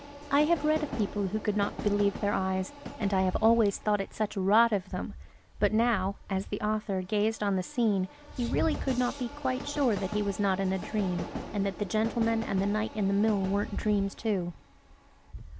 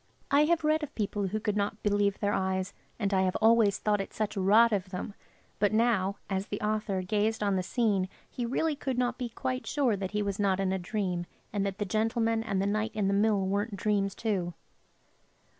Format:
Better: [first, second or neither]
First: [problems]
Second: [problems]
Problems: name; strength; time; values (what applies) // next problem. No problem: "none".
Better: second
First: background sound (Train); 11 dB below the speech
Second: none